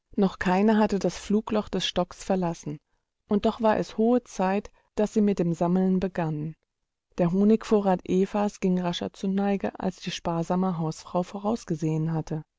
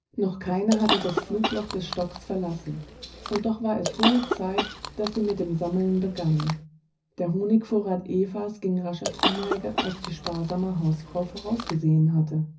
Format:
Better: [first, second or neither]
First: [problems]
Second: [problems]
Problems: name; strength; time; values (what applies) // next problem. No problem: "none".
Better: first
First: none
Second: background sound (Chewing, mastication / Cough); 5 dB below the speech // room echo; dies away in 0.4 s